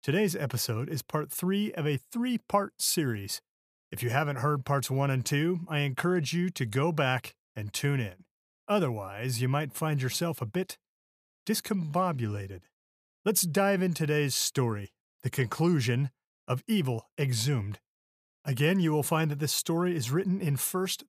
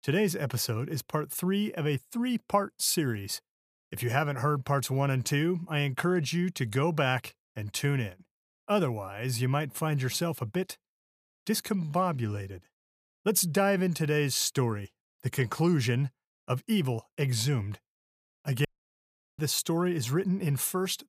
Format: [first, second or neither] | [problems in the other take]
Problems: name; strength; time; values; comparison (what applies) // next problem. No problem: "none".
first | audio cutting out; at 19 s for 0.5 s